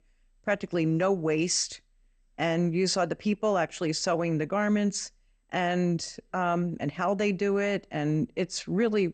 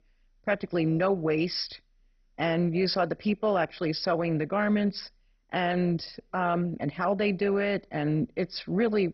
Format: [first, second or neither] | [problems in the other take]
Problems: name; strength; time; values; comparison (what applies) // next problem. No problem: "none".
first | garbled, watery; badly; nothing above 5.5 kHz; slightly in the first